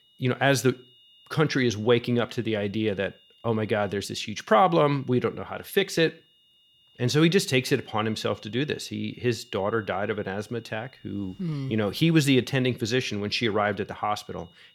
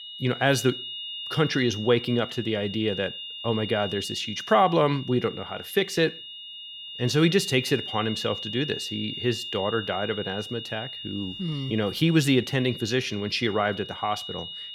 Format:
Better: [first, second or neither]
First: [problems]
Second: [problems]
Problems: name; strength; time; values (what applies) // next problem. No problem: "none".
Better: first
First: high-pitched whine; faint; throughout; 3 kHz, 30 dB below the speech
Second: high-pitched whine; loud; throughout; 3 kHz, 9 dB below the speech